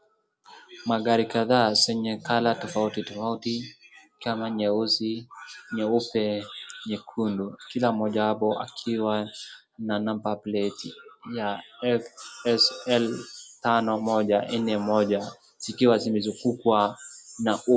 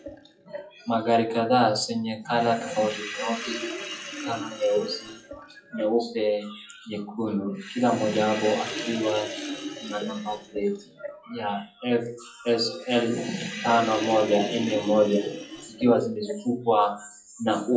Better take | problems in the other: first | noise reduction (classical method WPE with log-MMSE)

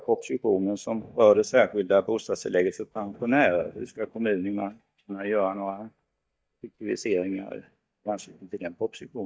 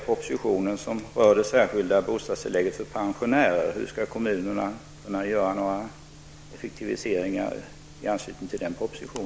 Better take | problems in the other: second | noise reduction (neural mask model DeepFilterNet 3)

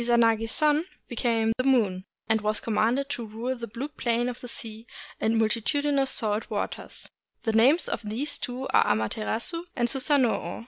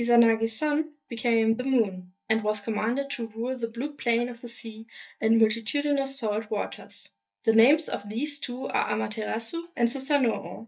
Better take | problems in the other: first | noise reduction (neural mask model DeepFilterNet 3)

